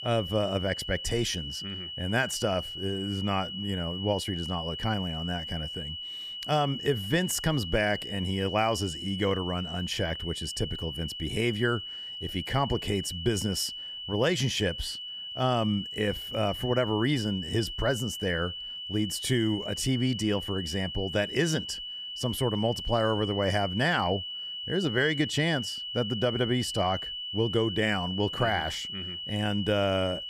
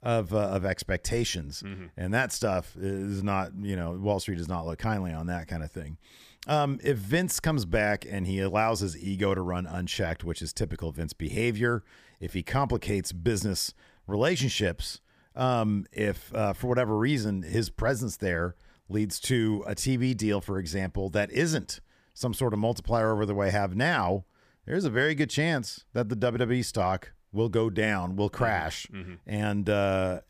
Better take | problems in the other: second | high-pitched whine; loud; throughout; 3 kHz, 6 dB below the speech

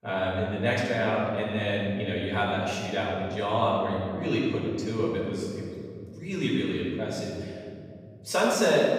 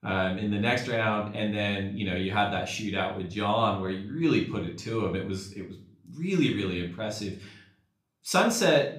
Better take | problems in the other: second | room echo; strong; dies away in 2.6 s; slight in the second // off-mic speech; far; somewhat distant in the second

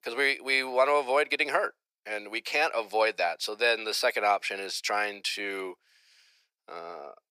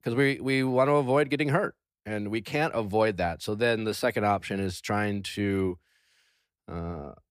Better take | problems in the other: second | thin; very; fading below 500 Hz

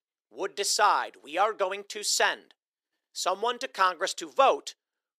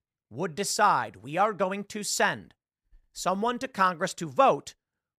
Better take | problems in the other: second | thin; somewhat; fading below 350 Hz

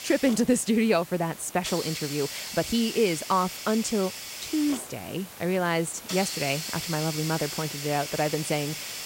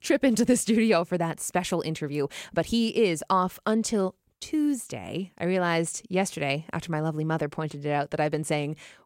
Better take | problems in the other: second | hiss; loud; throughout; 7 dB below the speech

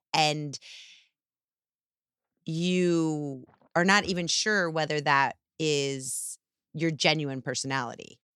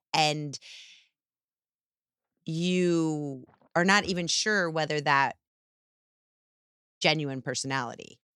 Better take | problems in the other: first | audio cutting out; at 5.5 s for 1.5 s

